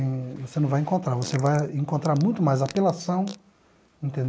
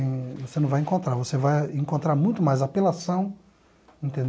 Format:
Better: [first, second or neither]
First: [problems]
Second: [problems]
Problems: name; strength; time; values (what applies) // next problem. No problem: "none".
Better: second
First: noise reduction (neural mask model Resemble Enhance denoiser)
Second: none